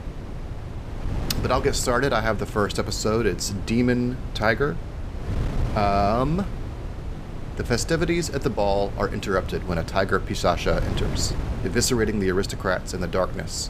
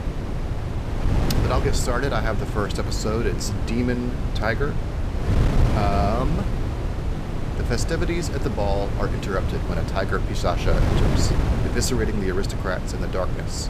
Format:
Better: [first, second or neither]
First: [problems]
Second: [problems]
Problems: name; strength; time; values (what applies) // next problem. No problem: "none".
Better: first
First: wind noise on the microphone; occasional gusts; 15 dB below the speech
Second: wind noise on the microphone; heavy; 5 dB below the speech